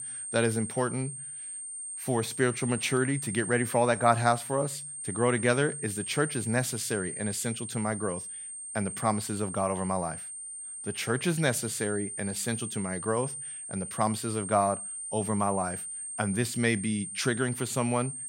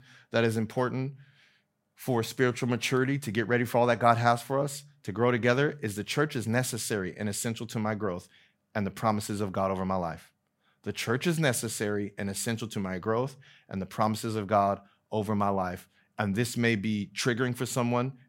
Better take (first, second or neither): second